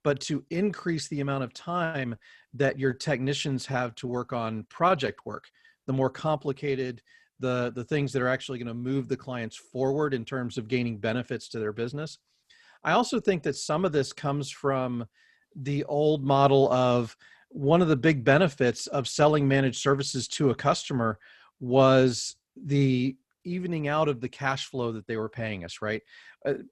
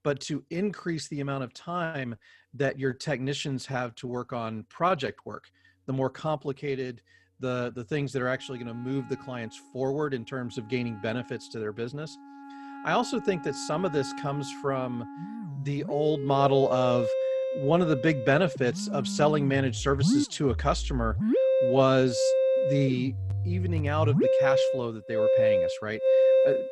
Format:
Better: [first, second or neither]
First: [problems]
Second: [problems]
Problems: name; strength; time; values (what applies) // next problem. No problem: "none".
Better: first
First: none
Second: background music; very loud; throughout; 1 dB above the speech